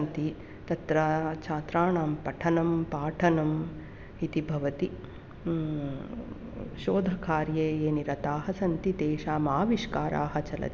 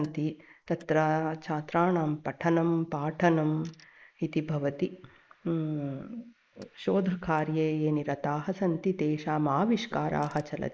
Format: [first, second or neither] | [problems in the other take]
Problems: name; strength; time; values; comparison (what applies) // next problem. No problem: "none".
first | noise reduction (neural mask model Resemble Enhance denoiser)